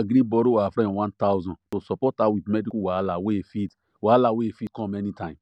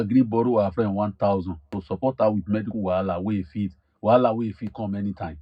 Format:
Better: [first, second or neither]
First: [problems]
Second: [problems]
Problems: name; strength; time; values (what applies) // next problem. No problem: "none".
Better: first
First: none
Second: room echo; dies away in 0.3 s